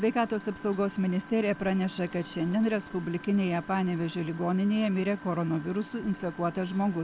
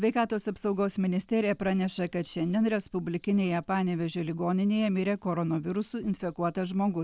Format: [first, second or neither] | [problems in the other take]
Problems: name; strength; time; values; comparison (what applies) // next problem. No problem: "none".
second | background sound (Engine); 17 dB below the speech